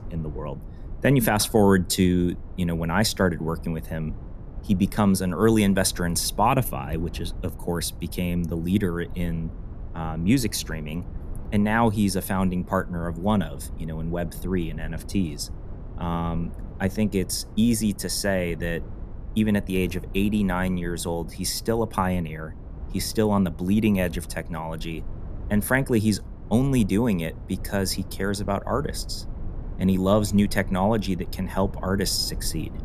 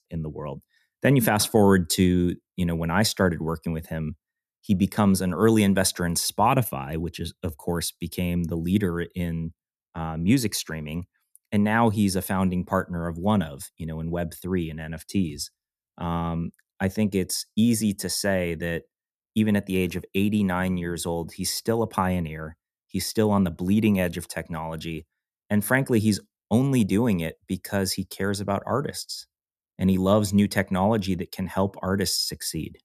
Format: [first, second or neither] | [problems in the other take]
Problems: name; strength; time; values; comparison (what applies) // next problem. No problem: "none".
second | low rumble; faint; throughout; 20 dB below the speech